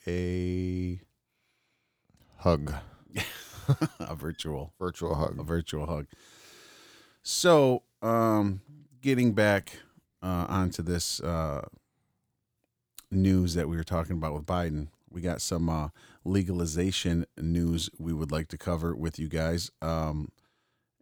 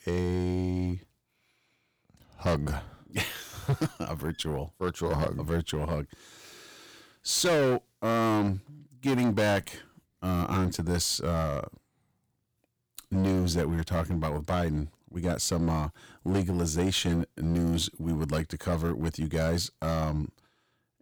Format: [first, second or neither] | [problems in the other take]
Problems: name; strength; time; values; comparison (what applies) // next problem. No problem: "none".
first | distortion; heavy; 8% of the sound clipped